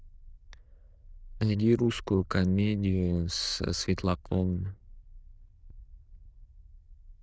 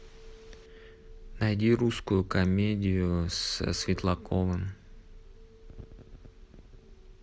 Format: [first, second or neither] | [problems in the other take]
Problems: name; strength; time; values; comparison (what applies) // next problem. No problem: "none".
second | noise reduction (neural diffusion model UNIVERSE++)